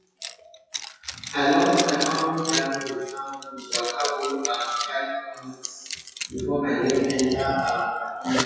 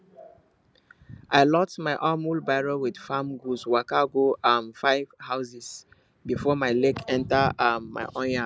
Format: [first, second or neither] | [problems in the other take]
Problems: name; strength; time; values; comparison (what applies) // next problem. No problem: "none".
second | noise reduction (classical method WPE with log-MMSE)